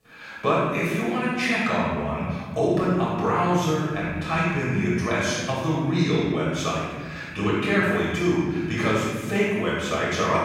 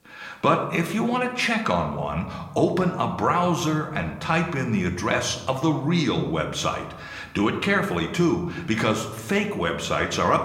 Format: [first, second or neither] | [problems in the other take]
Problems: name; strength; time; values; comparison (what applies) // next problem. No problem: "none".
second | room echo; strong; dies away in 1.7 s; slight in the second // off-mic speech; far